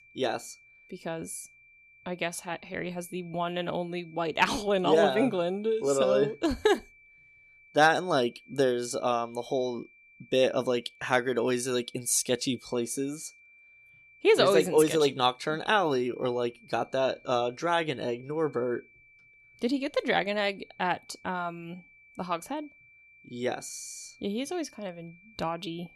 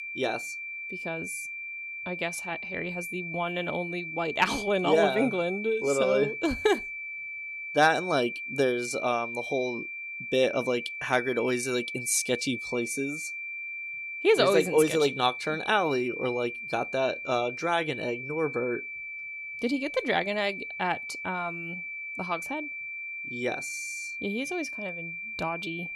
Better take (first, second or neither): first